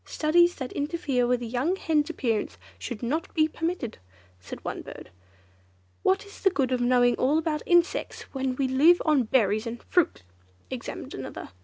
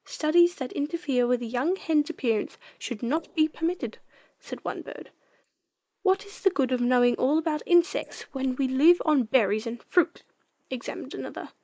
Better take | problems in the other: first | noise reduction (neural mask model Resemble Enhance denoiser)

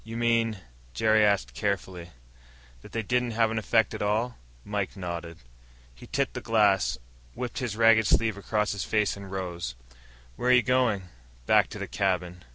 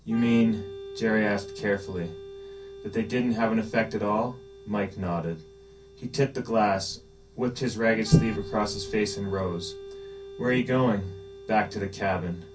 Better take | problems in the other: first | background sound (Organ); 15 dB below the speech // room echo; dies away in 0.3 s

